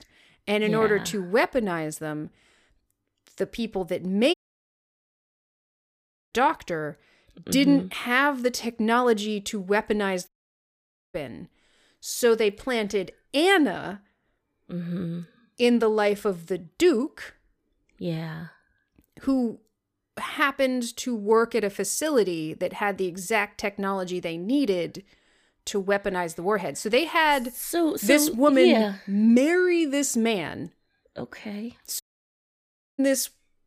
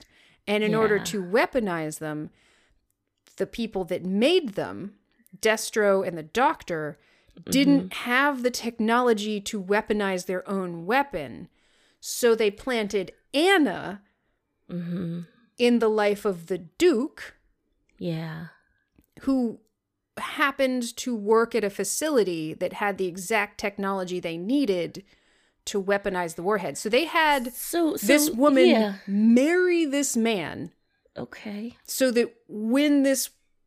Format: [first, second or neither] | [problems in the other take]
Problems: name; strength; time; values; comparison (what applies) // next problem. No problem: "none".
second | audio cutting out; at 4.5 s for 2 s, at 10 s for 1 s and at 32 s for 1 s